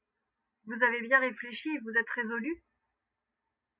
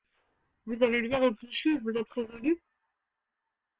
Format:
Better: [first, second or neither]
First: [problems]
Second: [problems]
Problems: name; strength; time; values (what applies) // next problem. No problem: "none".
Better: first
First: none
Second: noise reduction (neural separator model SepFormer WHAM!)